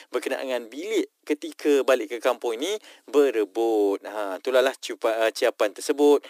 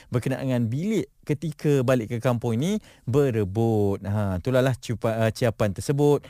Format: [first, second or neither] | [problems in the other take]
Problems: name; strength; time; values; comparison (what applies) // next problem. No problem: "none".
second | thin; somewhat; fading below 300 Hz